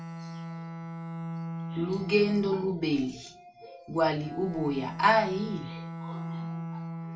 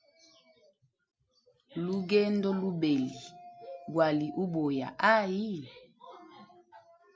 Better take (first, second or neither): second